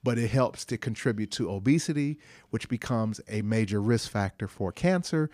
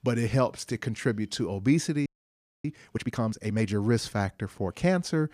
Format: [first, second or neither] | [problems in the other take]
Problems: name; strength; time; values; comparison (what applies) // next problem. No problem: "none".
first | audio freezing; at 2 s for 0.5 s